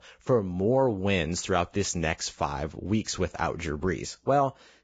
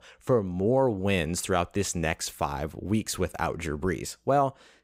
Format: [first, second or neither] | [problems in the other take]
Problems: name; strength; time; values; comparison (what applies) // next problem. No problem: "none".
second | garbled, watery; badly; nothing above 7.5 kHz